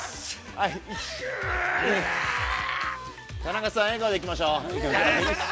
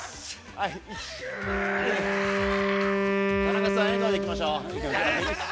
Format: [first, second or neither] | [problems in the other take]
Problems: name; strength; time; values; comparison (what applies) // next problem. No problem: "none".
first | background sound (Wind instrument, woodwind instrument); 1 dB above the speech